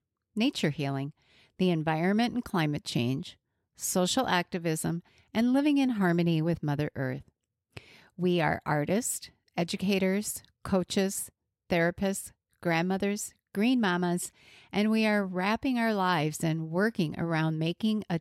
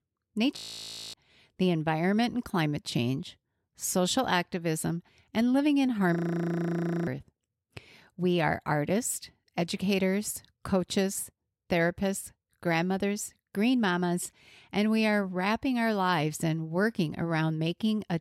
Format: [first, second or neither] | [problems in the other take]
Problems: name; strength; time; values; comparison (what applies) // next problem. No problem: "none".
first | audio freezing; at 0.5 s for 0.5 s and at 6 s for 1 s